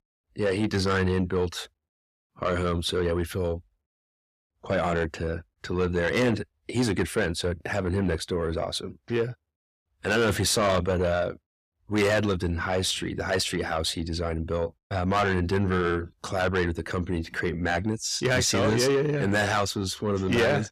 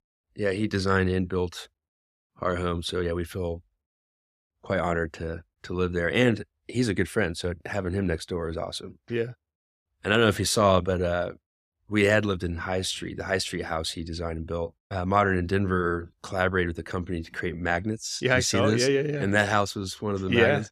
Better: second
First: distortion; heavy; 8 dB below the speech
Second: none

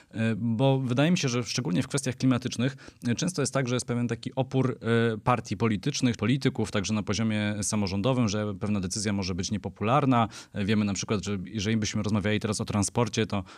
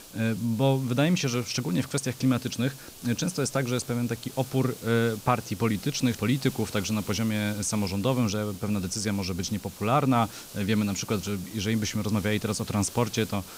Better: first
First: none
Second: hiss; noticeable; throughout; 15 dB below the speech

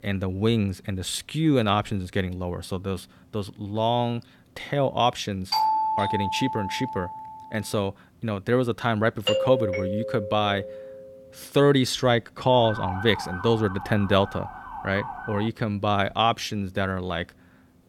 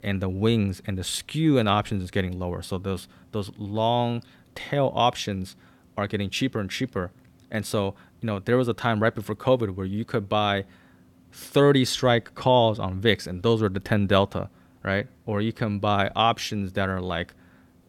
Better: second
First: doorbell; loud; from 5.5 to 7.5 s and from 9.5 to 11 s; peak 3 dB above the speech // siren; noticeable; from 13 to 15 s; peak 7 dB below the speech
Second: none

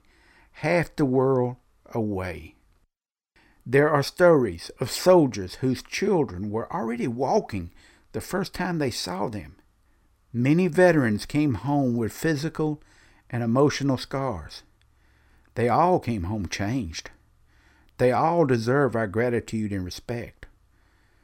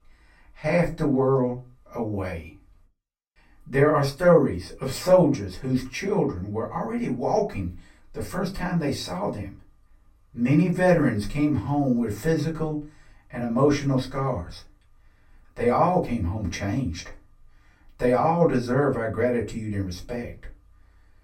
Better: first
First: none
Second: off-mic speech; far // room echo; very slight; dies away in 0.2 s

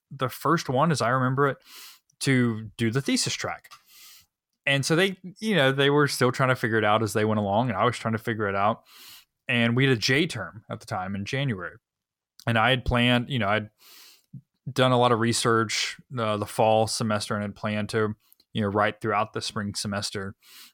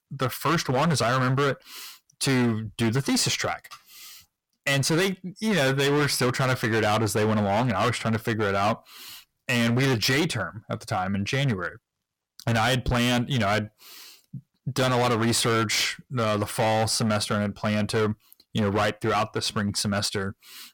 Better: first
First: none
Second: distortion; heavy; 17% of the sound clipped

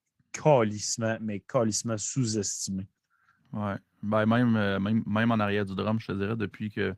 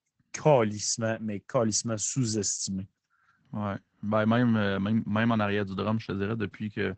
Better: first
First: garbled, watery; slightly; nothing above 15.5 kHz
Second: garbled, watery; badly; nothing above 8 kHz

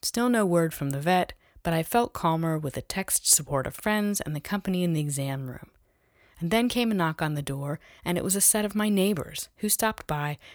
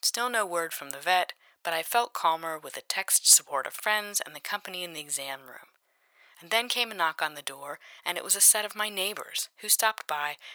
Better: first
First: none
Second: thin; very; fading below 900 Hz

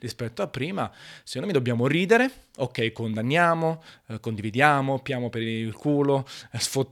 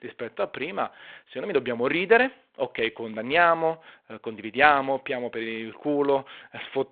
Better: first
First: none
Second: phone-call audio; nothing above 3.5 kHz

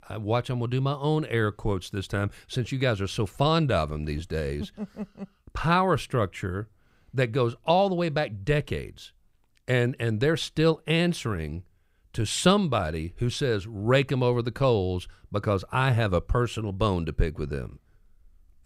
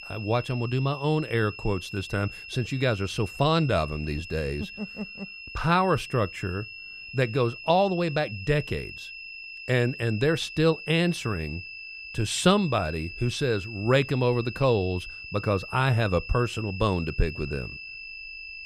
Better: first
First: none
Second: high-pitched whine; noticeable; throughout; 2.5 kHz, 10 dB below the speech

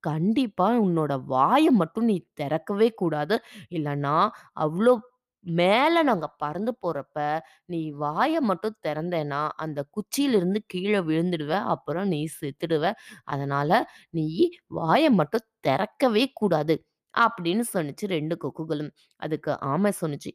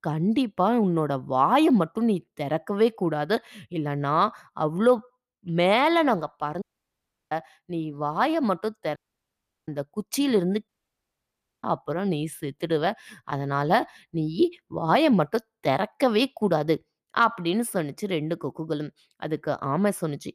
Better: first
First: none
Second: audio cutting out; at 6.5 s for 0.5 s, at 9 s for 0.5 s and at 11 s for 1 s

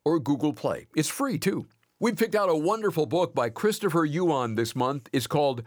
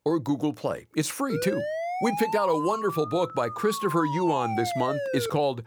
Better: first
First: none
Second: siren; noticeable; from 1.5 s on; peak 3 dB below the speech

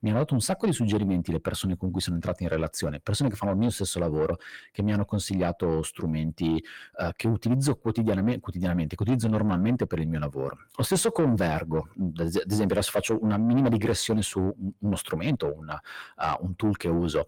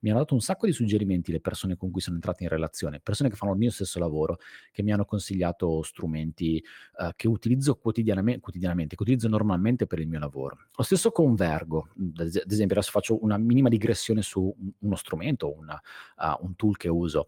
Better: second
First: distortion; slight; 10 dB below the speech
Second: none

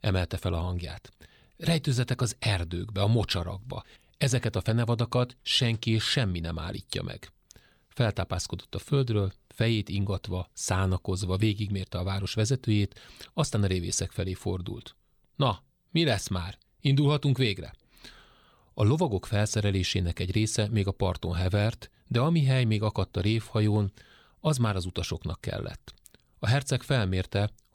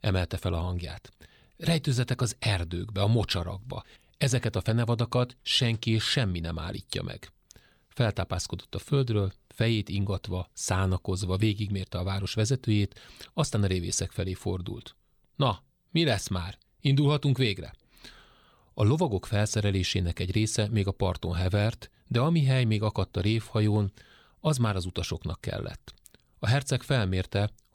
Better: neither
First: none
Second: none

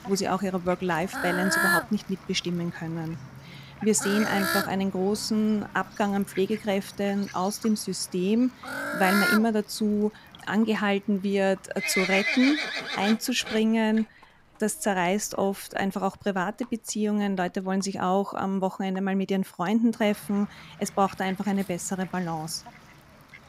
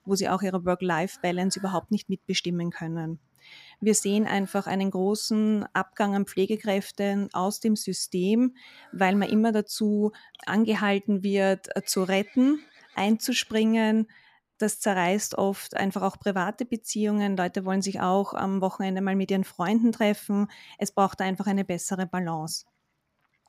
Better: second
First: animal sounds; loud; throughout; 2 dB below the speech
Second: animal sounds; faint; throughout; 30 dB below the speech

